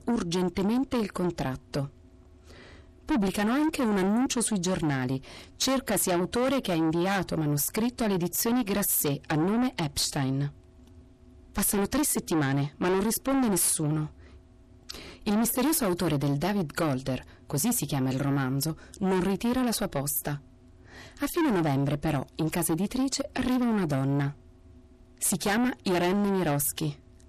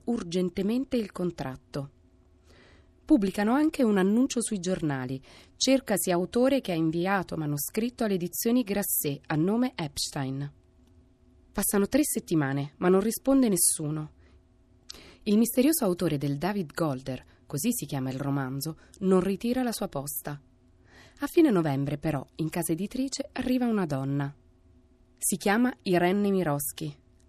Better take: second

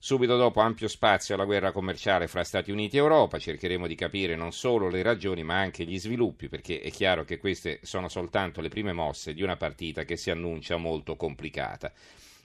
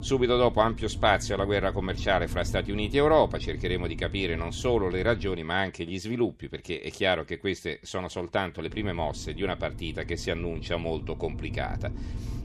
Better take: first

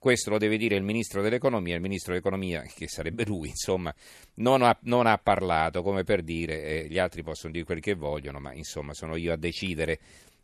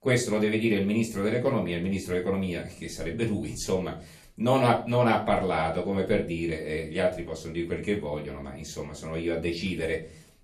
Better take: first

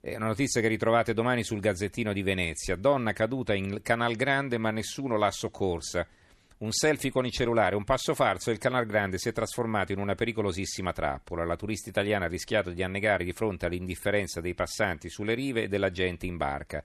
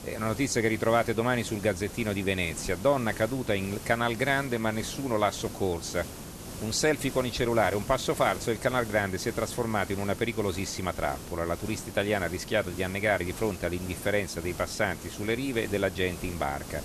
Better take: first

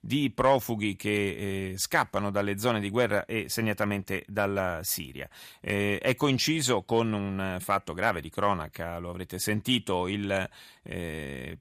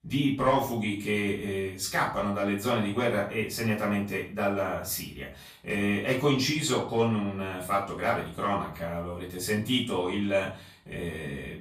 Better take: first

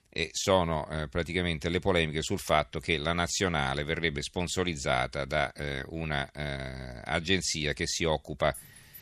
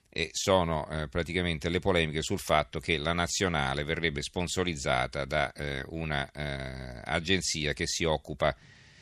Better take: second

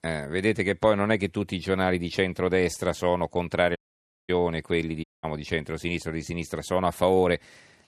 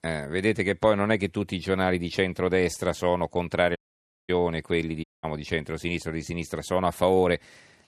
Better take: neither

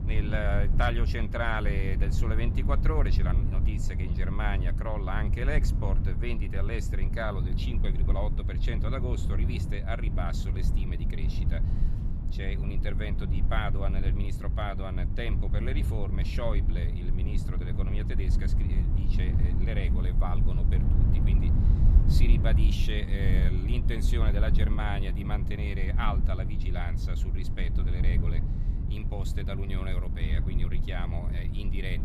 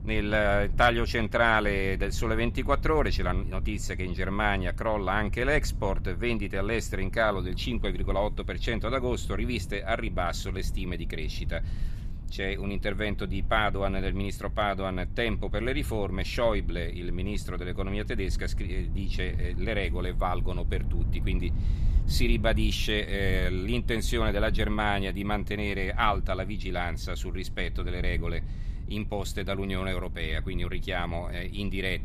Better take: second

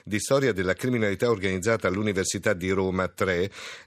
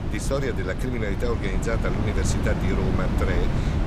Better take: first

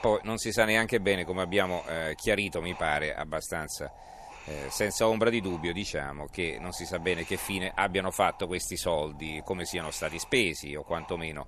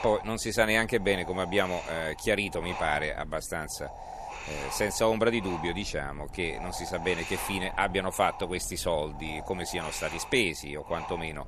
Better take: first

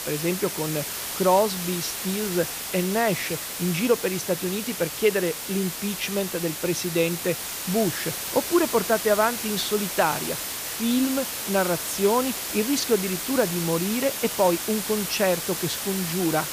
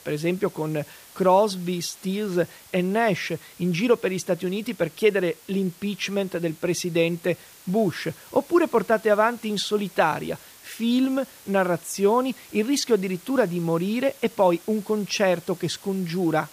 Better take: second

